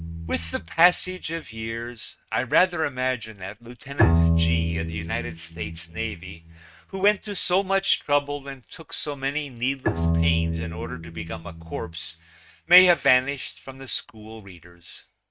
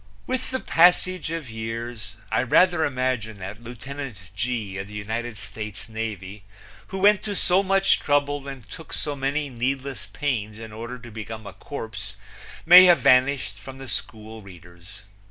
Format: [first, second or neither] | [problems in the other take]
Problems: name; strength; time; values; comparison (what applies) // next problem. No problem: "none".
second | noise reduction (neural mask model RNNoise)